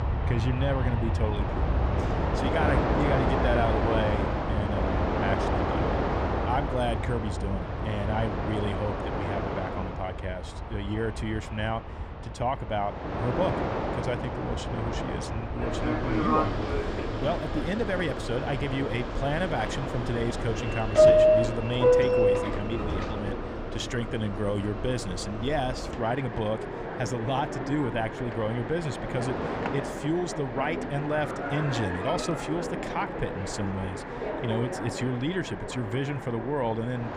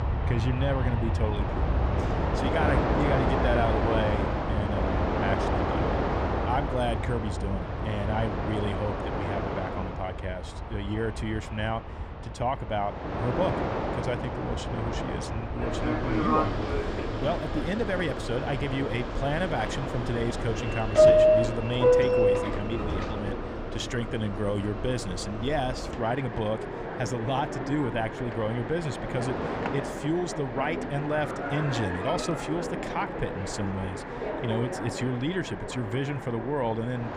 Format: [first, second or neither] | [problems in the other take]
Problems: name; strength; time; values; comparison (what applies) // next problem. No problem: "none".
neither | train or aircraft noise; very loud; throughout; 2 dB above the speech; the same in both